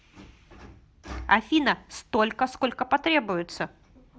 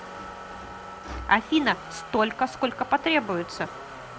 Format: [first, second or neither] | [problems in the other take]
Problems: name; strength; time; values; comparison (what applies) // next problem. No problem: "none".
first | background sound (Motor vehicle (road)); 13 dB below the speech